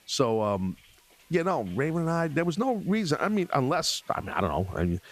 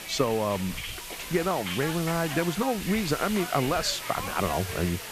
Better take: first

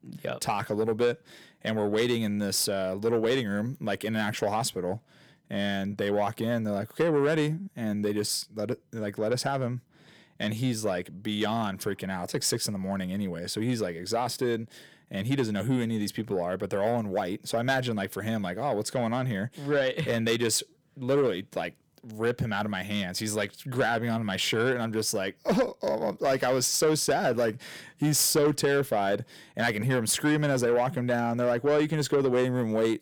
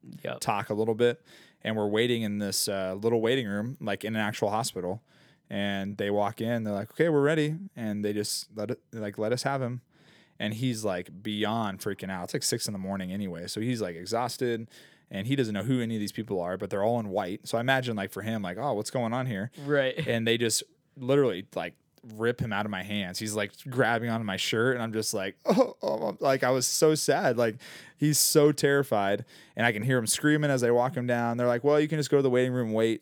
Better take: second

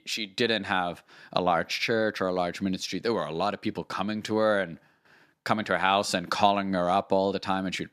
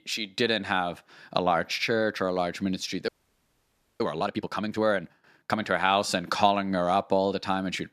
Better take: first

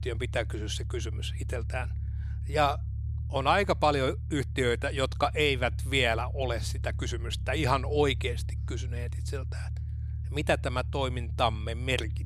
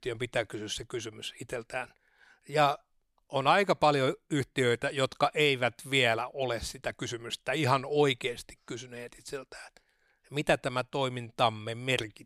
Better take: second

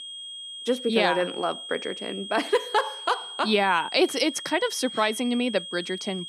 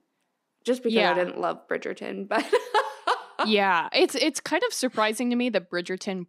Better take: second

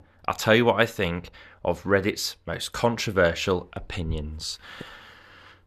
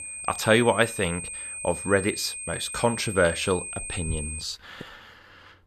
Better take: first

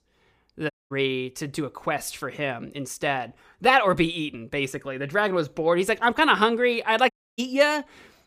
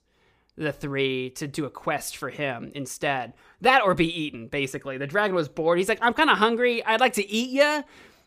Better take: second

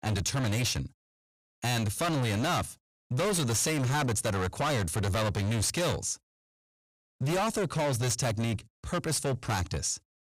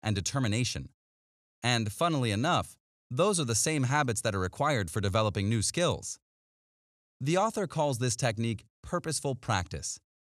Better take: second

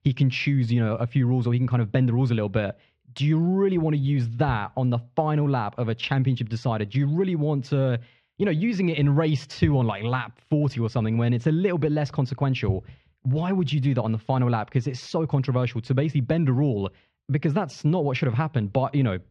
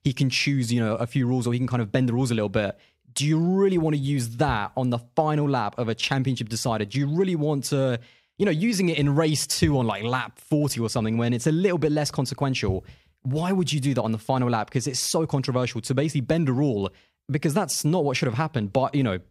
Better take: second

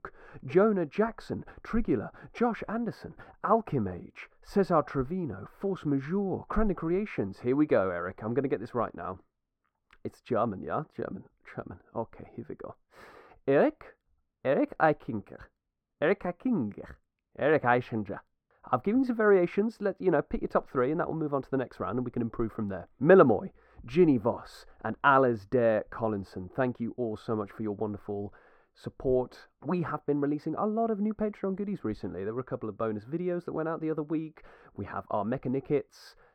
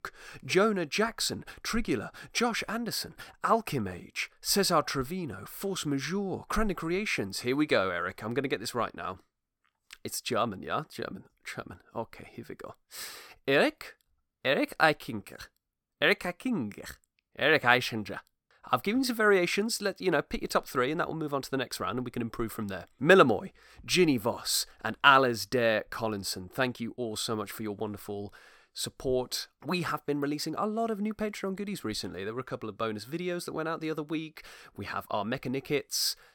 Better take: second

